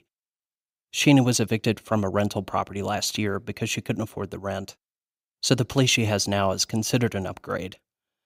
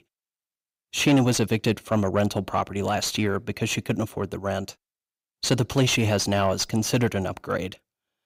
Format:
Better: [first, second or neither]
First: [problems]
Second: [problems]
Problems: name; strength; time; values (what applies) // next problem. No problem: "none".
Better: first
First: none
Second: distortion; slight; 10 dB below the speech